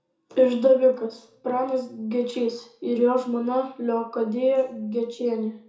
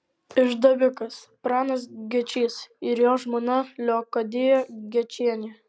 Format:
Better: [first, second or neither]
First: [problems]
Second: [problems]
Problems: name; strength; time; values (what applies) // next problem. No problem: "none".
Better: second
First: room echo; dies away in 0.6 s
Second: none